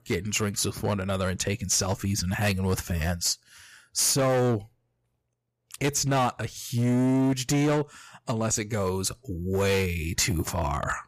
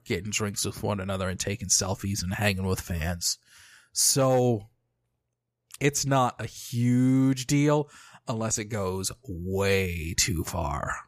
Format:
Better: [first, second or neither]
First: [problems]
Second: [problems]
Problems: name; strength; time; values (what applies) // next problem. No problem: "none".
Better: second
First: distortion; slight; 10% of the sound clipped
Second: none